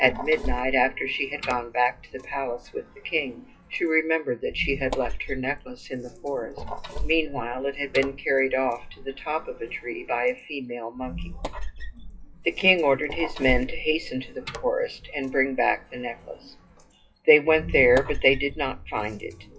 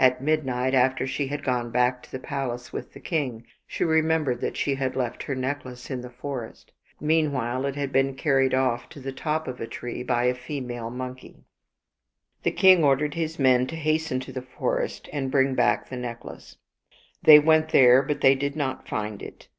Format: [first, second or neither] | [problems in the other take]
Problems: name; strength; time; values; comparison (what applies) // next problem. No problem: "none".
second | noise reduction (classical method WPE with log-MMSE)